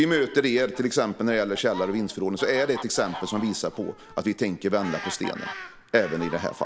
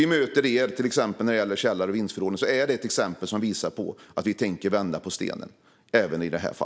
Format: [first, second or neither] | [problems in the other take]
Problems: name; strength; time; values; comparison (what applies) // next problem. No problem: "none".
second | background sound (Fowl); 15 dB below the speech